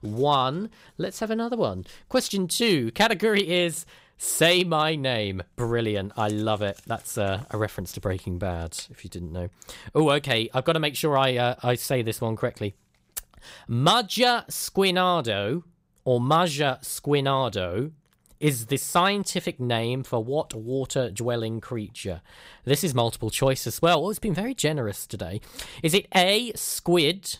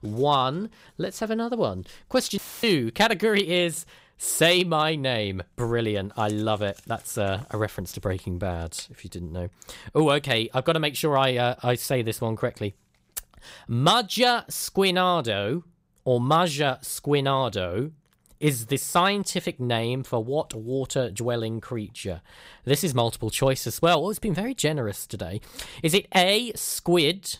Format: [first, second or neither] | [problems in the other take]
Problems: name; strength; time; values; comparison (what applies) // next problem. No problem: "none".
first | audio cutting out; filled with static; at 2.5 s